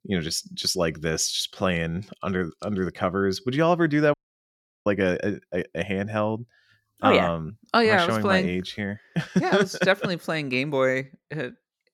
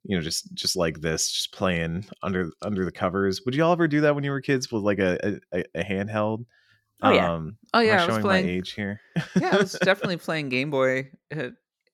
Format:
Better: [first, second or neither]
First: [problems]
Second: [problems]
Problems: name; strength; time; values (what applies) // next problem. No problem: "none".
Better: second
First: audio cutting out; at 4 s for 0.5 s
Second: none